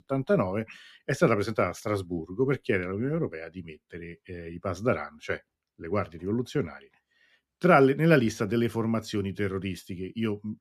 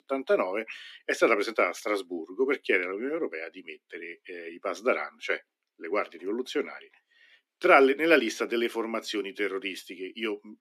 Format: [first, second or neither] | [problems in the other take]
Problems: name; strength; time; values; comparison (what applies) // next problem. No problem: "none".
first | thin; somewhat; fading below 300 Hz